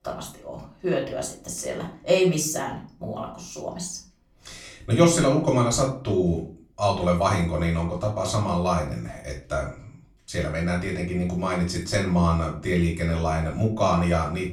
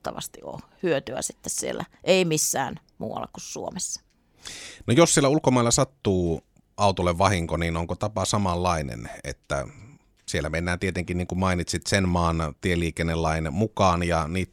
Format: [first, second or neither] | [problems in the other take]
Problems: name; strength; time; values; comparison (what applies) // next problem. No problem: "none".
second | off-mic speech; far // room echo; slight; dies away in 0.3 s